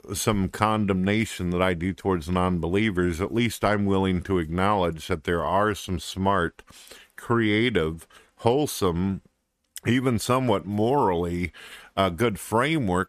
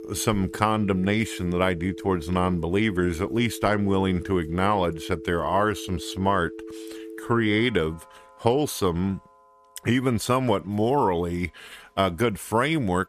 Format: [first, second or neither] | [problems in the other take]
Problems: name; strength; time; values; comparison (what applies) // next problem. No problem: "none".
first | alarms or sirens; noticeable; throughout; 15 dB below the speech